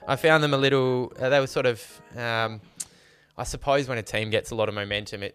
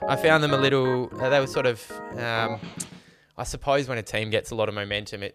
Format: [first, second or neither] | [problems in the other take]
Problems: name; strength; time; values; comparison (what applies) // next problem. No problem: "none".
first | background music; loud; until 3 s; 10 dB below the speech; faint in the first